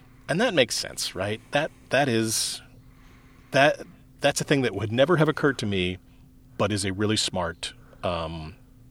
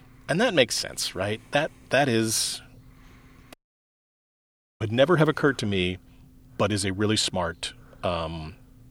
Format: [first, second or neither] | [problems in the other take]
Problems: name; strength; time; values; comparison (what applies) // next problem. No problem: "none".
first | audio cutting out; at 3.5 s for 1.5 s